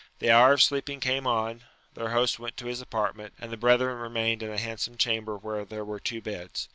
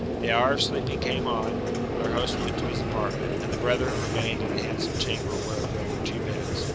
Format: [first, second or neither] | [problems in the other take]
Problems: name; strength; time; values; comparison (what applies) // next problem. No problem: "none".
first | background sound (Vehicle); 3 dB above the speech